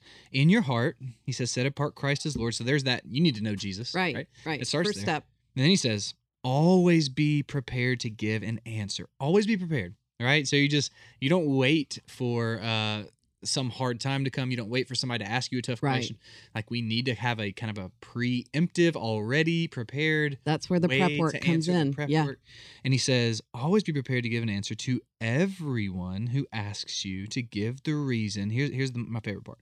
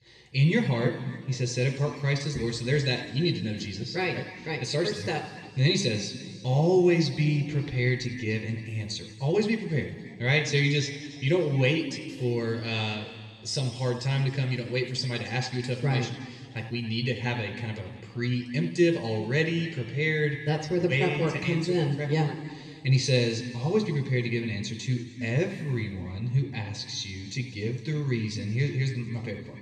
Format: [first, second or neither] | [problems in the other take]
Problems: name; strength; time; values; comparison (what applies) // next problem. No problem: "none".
first | room echo; noticeable; dies away in 1.8 s // off-mic speech; far